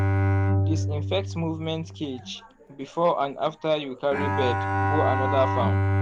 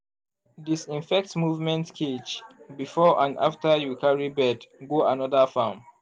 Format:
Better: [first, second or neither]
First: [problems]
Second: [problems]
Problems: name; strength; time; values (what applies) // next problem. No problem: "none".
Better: second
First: background sound (Bowed string instrument); 2 dB above the speech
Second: none